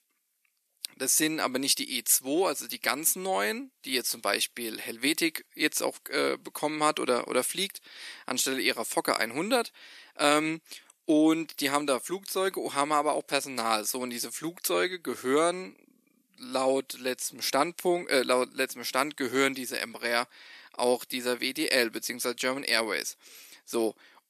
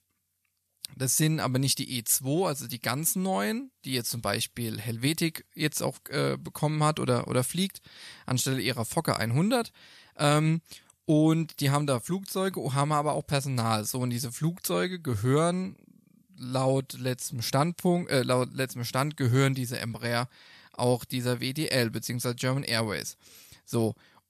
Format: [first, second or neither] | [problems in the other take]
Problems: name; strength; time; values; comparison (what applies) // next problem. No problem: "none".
second | thin; somewhat; fading below 300 Hz